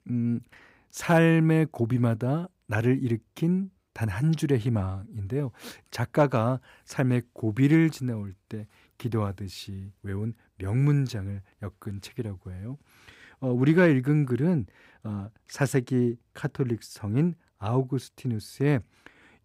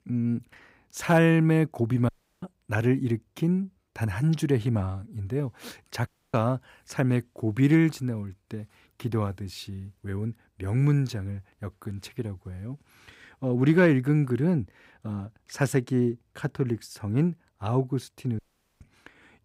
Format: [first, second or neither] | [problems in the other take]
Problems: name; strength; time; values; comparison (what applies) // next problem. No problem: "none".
first | audio cutting out; at 2 s, at 6 s and at 18 s